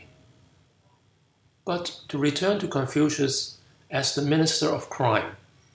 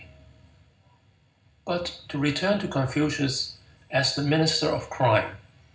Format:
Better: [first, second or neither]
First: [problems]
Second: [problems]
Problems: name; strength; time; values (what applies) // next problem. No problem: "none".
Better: first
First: none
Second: room echo; dies away in 0.4 s